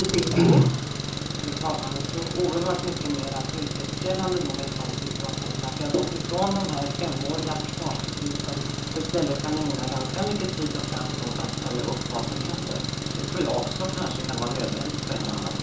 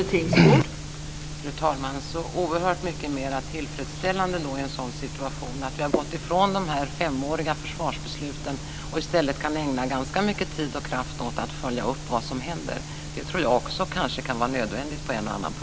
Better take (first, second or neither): second